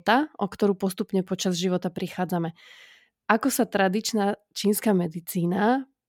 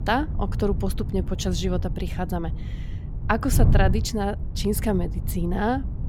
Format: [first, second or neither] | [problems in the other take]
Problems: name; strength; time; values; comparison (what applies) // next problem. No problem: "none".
first | wind noise on the microphone; occasional gusts; 15 dB below the speech